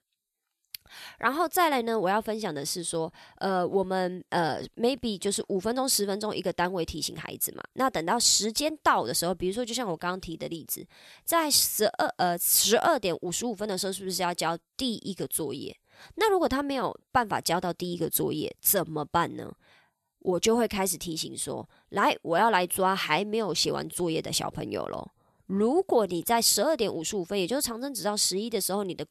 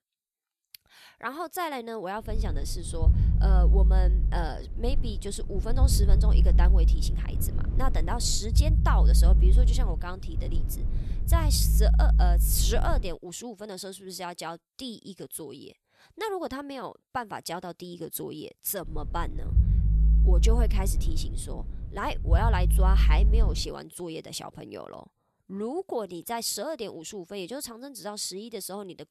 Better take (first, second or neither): first